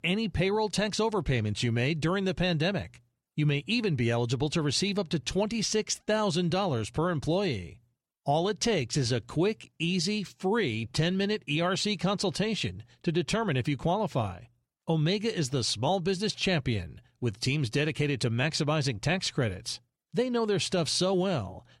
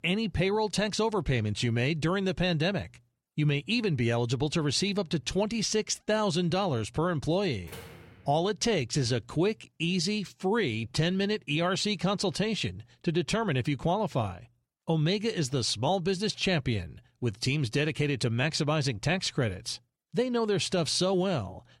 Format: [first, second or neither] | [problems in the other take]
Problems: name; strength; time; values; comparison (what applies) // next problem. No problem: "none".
first | door banging; faint; at 7.5 s; peak 15 dB below the speech